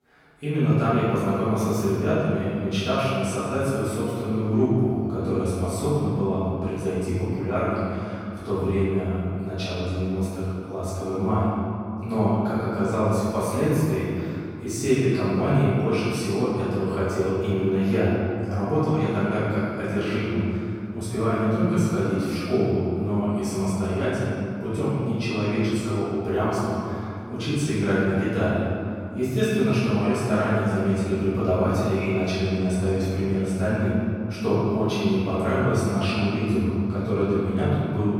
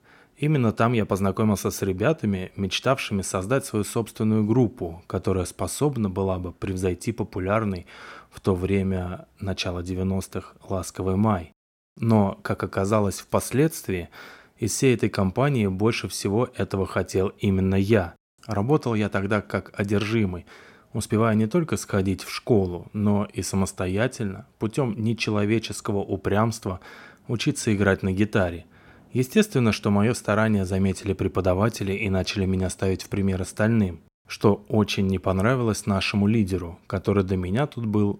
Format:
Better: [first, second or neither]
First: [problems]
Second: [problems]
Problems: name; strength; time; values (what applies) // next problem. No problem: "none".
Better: second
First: off-mic speech; far // room echo; strong; dies away in 2.6 s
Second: none